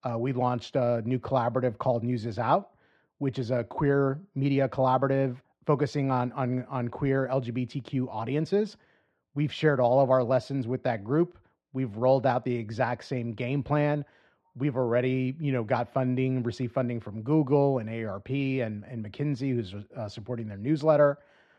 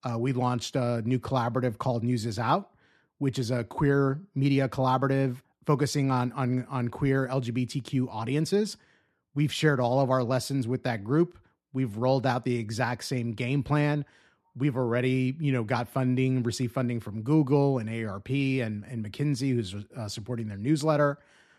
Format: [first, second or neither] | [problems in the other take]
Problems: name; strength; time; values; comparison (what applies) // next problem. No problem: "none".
second | muffled; slightly; fading above 3.5 kHz